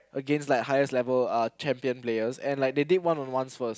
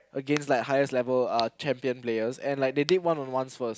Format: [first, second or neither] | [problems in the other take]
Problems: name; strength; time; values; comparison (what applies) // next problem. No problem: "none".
first | noise reduction (neural mask model Resemble Enhance denoiser)